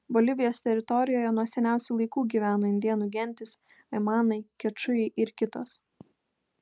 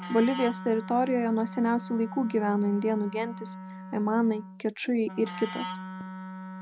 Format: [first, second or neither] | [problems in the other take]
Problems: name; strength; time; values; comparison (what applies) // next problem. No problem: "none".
first | background sound (Wind instrument, woodwind instrument); 11 dB below the speech